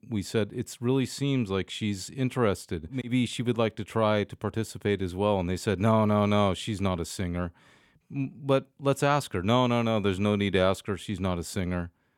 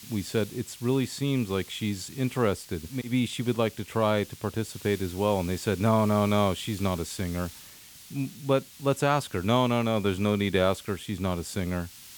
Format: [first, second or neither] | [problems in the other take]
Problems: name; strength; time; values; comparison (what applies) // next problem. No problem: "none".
first | hiss; noticeable; throughout; 15 dB below the speech